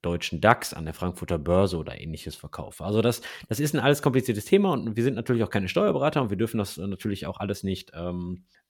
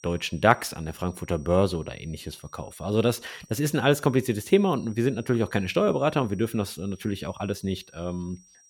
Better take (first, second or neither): first